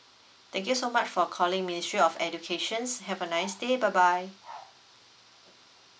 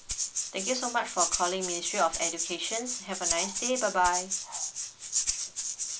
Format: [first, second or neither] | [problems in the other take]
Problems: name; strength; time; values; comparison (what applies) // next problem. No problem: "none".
first | background sound (Rattle (instrument)); 1 dB below the speech